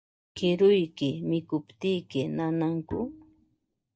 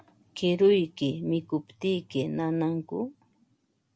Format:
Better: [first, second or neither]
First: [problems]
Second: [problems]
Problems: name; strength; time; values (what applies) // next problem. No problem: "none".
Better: second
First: noise reduction (neural mask model DeepFilterNet 3)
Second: none